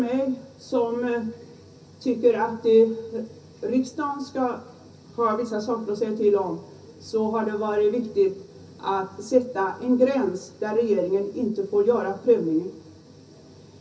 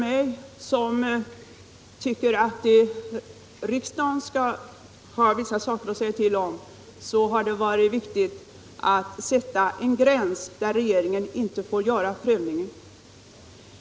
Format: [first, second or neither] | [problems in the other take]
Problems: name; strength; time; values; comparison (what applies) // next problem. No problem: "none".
second | room echo; dies away in 0.3 s